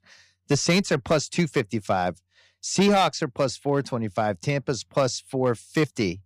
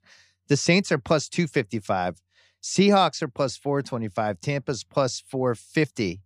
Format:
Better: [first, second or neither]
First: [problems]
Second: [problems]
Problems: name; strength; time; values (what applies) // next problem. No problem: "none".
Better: second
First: distortion; slight; 3% of the sound clipped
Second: none